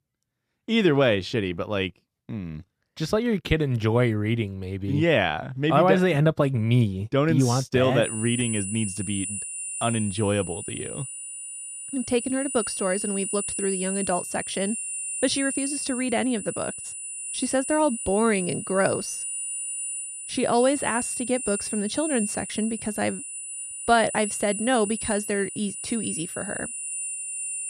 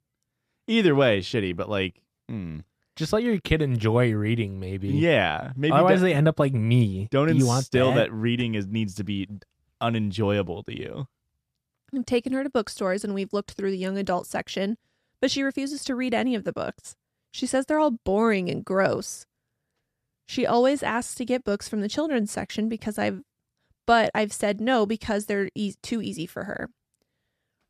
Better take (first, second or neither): second